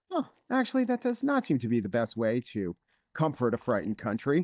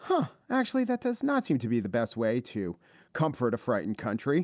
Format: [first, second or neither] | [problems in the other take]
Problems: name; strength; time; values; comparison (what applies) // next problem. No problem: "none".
second | noise reduction (neural mask model DeepFilterNet 3)